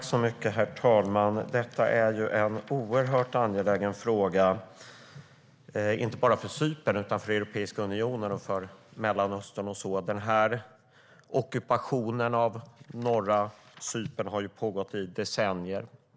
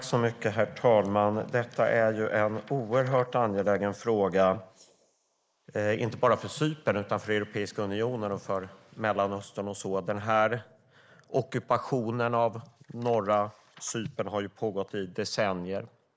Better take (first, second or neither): first